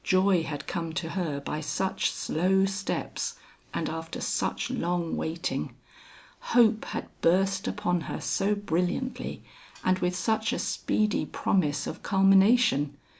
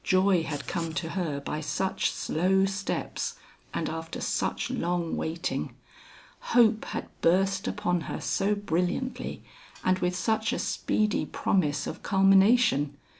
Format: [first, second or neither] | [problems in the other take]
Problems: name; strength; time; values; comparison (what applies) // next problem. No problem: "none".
first | background sound (Writing); 17 dB below the speech